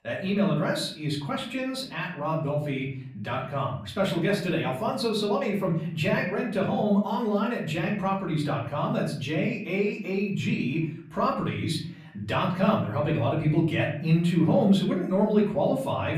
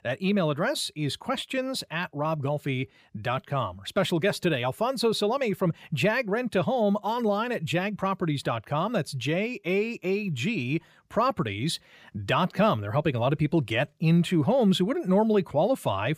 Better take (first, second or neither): second